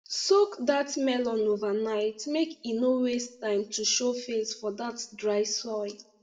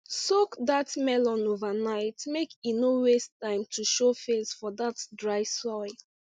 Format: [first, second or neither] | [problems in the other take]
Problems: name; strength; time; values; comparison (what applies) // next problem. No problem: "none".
second | room echo; dies away in 0.4 s